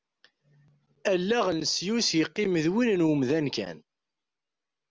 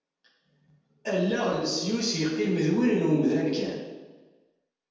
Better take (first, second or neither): first